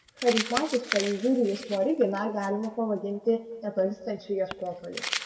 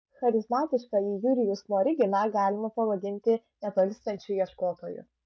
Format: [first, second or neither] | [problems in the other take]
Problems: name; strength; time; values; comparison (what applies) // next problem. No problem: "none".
second | background sound (Crumpling, crinkling); 10 dB below the speech // room echo; dies away in 1.2 s